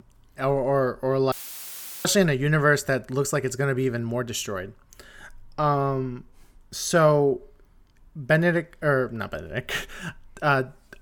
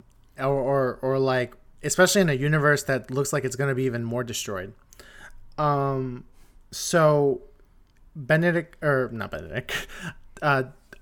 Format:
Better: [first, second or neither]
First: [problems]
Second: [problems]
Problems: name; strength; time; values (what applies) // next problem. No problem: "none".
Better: second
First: audio cutting out; filled with static; at 1.5 s for 0.5 s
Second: none